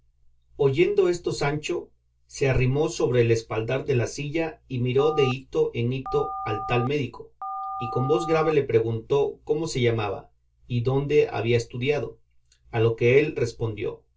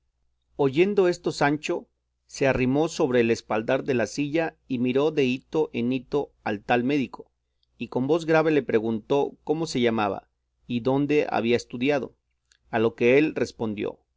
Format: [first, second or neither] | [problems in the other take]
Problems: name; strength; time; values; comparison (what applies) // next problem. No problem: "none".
second | background sound (Telephone); 9 dB below the speech // room echo; dies away in 0.2 s